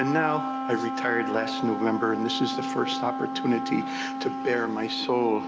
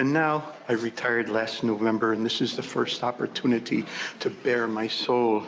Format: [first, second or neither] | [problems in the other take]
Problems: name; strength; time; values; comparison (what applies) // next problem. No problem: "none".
second | background sound (Wind instrument, woodwind instrument); 4 dB below the speech